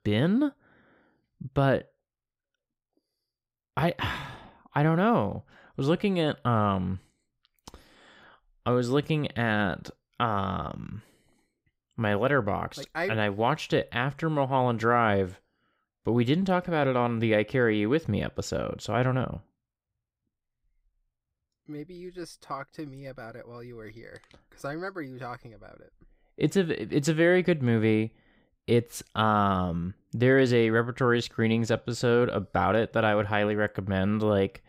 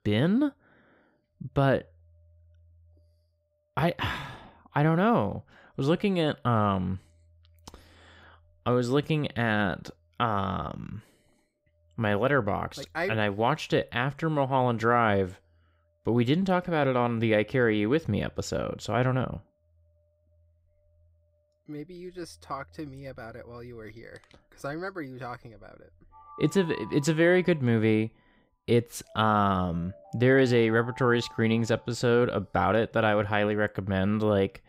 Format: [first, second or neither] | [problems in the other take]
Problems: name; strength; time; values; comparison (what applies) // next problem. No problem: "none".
first | alarms or sirens; faint; throughout; 25 dB below the speech